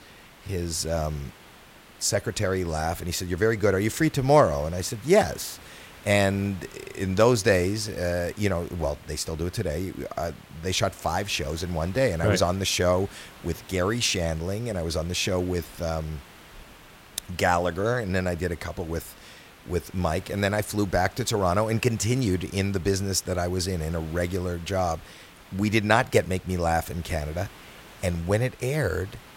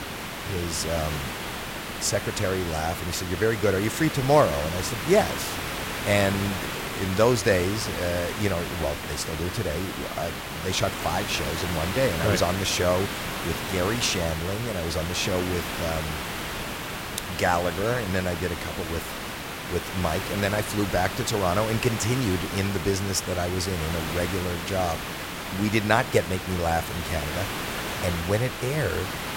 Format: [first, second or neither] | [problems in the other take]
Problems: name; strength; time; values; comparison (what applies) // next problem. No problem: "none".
first | hiss; loud; throughout; 5 dB below the speech; faint in the first